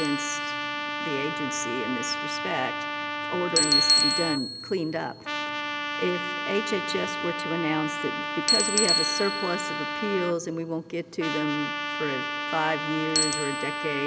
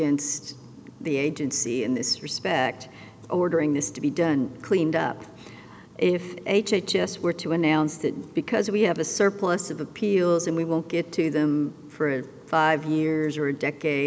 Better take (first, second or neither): second